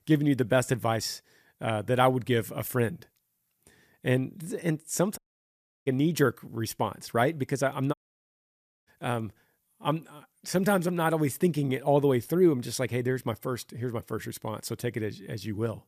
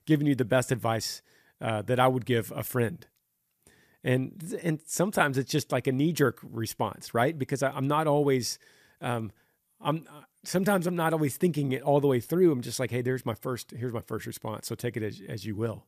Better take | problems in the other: second | audio cutting out; at 5 s for 0.5 s and at 8 s for 1 s

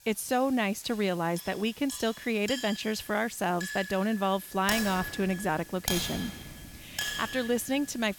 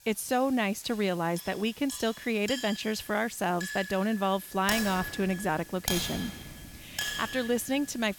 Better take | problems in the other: neither | clattering dishes; noticeable; from 1.5 to 7.5 s; peak 1 dB below the speech; the same in both

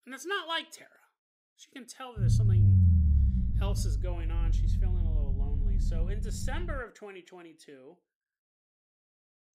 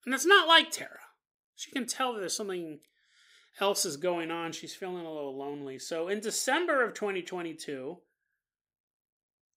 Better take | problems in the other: second | low rumble; very faint; from 2 to 7 s; 5 dB below the speech

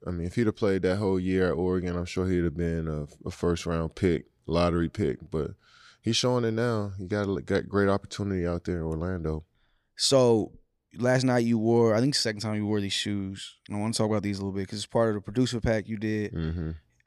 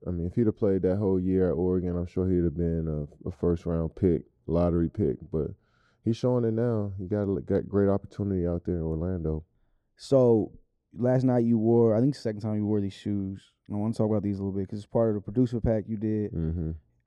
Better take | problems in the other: first | muffled; very; fading above 1 kHz

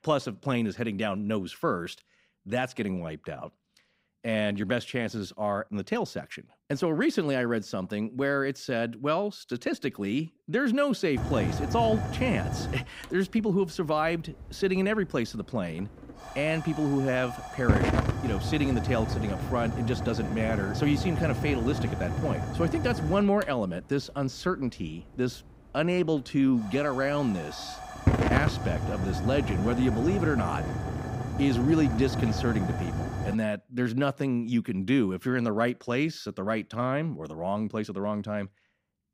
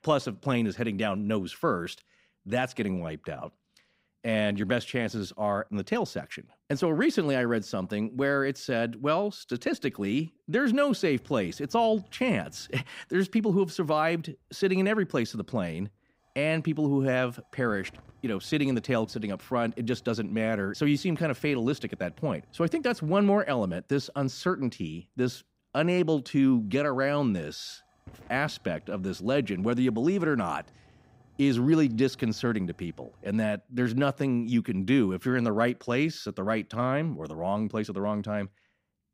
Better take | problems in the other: second | hiss; loud; from 11 to 33 s; 3 dB below the speech; faint in the second

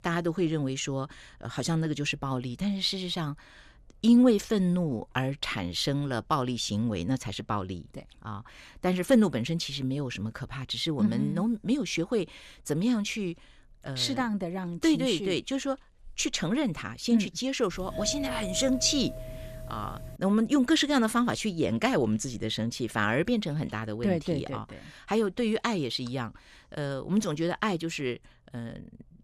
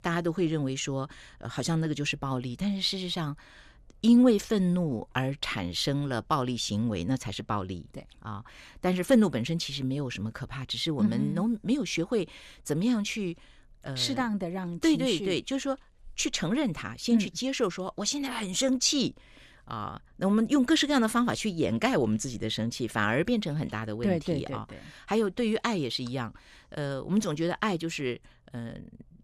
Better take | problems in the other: second | doorbell; noticeable; from 18 to 20 s; peak 7 dB below the speech

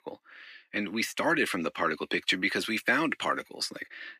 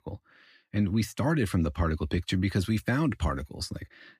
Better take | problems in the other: second | thin; somewhat; fading below 300 Hz

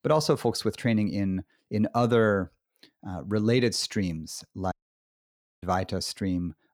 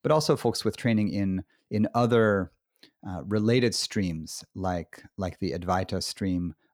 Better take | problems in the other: second | audio cutting out; at 4.5 s for 1 s

